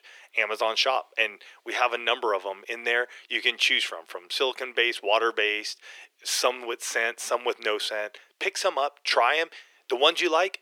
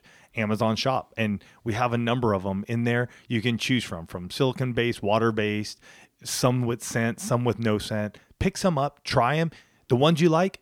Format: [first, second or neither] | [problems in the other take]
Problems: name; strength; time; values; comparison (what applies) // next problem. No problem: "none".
second | thin; very; fading below 350 Hz